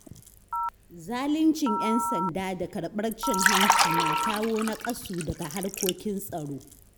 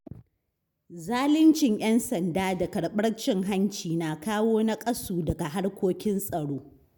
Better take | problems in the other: second | background sound (Telephone + Liquid); as loud as the speech

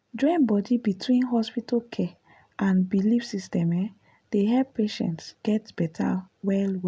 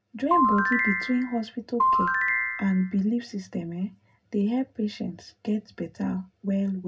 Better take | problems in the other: first | background sound (Ringtone / Chime); 3 dB above the speech // room echo; dies away in 0.2 s

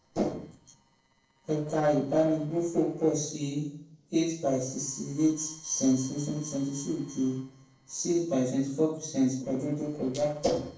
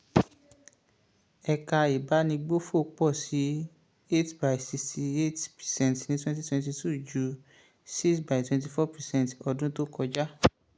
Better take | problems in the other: second | noise reduction (neural separator model SepFormer DNS4)

